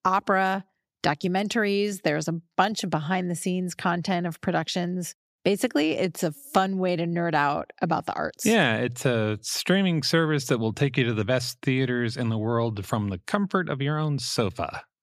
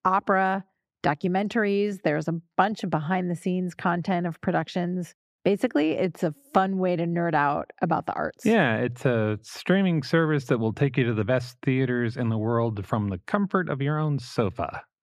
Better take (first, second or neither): first